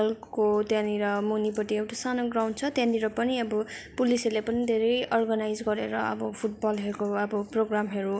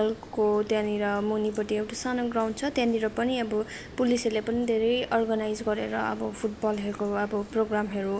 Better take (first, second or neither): first